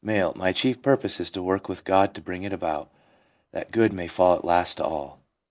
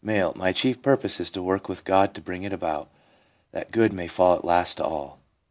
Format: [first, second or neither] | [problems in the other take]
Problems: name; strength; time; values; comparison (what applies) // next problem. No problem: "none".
second | noise reduction (neural mask model Resemble Enhance denoiser)